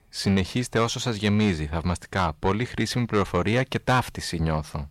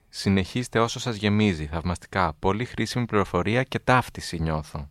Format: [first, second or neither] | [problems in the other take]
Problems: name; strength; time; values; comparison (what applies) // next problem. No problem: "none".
second | distortion; slight; 10 dB below the speech